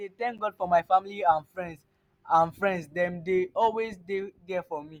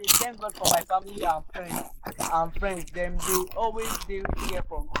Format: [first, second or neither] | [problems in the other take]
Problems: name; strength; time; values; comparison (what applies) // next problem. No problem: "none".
first | noise reduction (neural mask model Resemble Enhance denoiser)